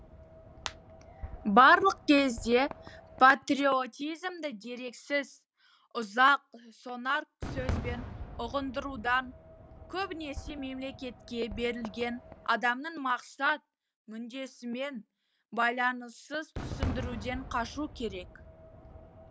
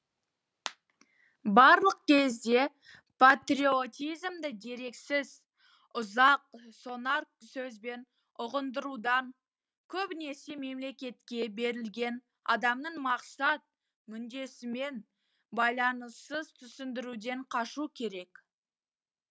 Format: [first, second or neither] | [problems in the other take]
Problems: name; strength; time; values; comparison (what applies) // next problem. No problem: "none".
second | background sound (Fireworks); 13 dB below the speech